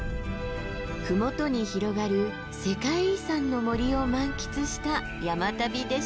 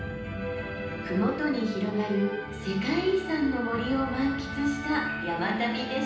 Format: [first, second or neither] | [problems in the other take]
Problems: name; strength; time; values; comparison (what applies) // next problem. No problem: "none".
first | room echo; dies away in 0.9 s